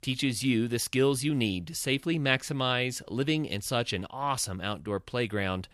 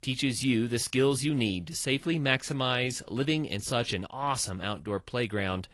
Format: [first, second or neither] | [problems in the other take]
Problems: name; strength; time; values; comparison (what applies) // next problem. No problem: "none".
first | garbled, watery; slightly; nothing above 11.5 kHz